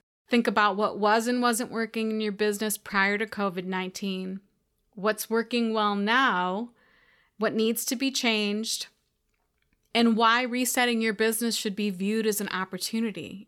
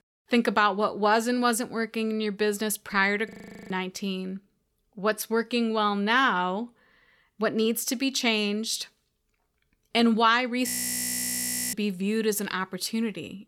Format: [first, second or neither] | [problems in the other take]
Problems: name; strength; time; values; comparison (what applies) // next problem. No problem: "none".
first | audio freezing; at 3.5 s and at 11 s for 1 s